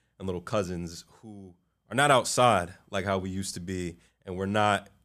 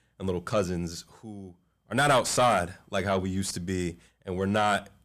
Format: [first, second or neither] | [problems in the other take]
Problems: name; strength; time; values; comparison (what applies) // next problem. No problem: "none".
first | distortion; heavy; 7 dB below the speech